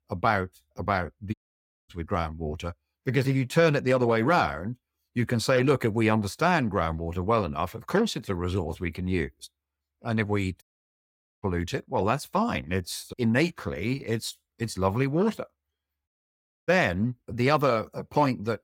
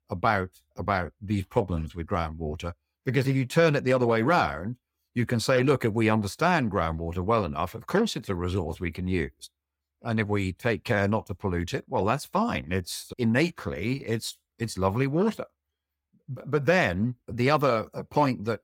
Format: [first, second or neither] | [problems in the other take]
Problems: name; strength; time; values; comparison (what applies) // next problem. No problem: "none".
second | audio cutting out; at 1.5 s for 0.5 s, at 11 s for 1 s and at 16 s for 0.5 s